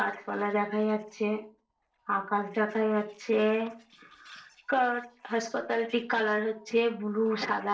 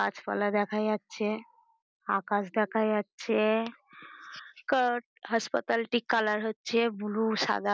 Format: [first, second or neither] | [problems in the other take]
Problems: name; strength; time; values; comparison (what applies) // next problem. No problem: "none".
second | noise reduction (neural separator model SepFormer DNS4)